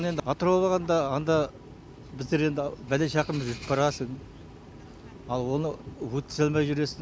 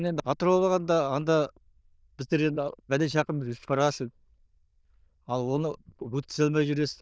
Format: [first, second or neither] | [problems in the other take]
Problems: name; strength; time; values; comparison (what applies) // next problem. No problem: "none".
first | noise reduction (neural diffusion model UNIVERSE++)